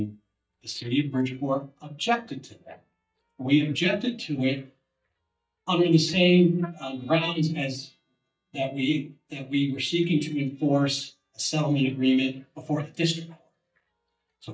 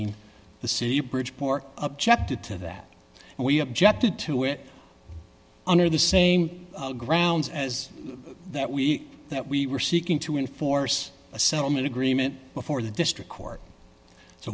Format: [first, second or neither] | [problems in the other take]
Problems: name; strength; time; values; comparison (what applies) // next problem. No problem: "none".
second | noise reduction (neural mask model DeepFilterNet 3)